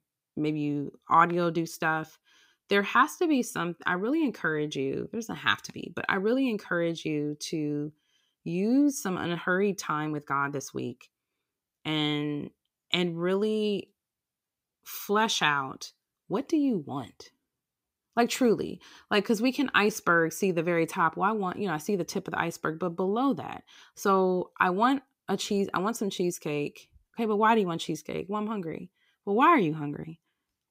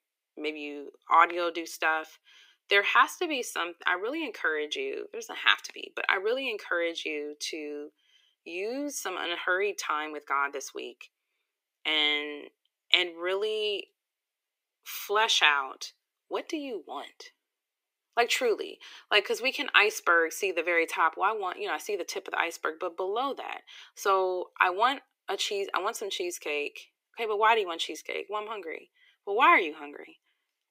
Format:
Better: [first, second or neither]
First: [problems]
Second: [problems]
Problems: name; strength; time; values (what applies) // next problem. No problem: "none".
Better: first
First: none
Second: thin; very; fading below 400 Hz